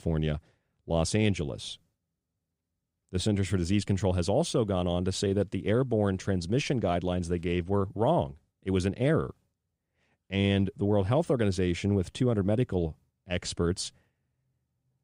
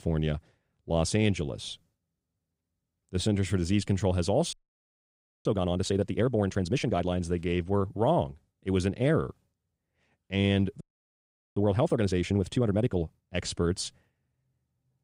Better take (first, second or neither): first